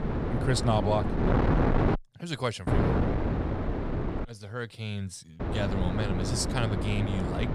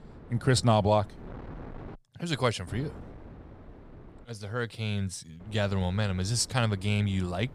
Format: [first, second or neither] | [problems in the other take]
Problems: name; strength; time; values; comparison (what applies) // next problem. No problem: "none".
second | wind noise on the microphone; heavy; until 2 s, from 2.5 to 4.5 s and from 5.5 s on; as loud as the speech; occasional gusts in the second